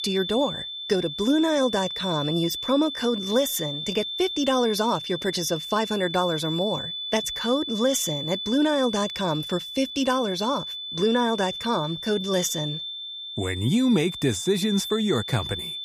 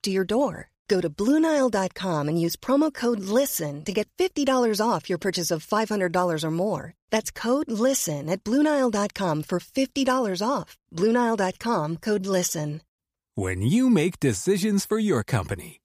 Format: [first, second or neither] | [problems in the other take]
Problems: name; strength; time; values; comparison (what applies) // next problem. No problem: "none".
second | high-pitched whine; loud; throughout; 3.5 kHz, 6 dB below the speech